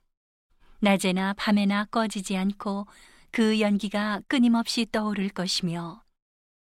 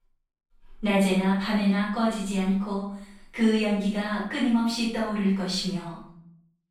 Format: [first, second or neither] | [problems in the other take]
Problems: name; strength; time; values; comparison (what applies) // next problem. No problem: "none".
first | room echo; noticeable; dies away in 0.5 s // off-mic speech; far